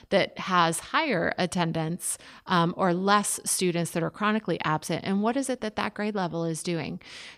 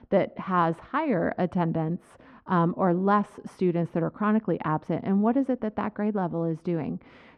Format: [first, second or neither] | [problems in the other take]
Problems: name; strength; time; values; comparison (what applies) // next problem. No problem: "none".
first | muffled; very; fading above 3.5 kHz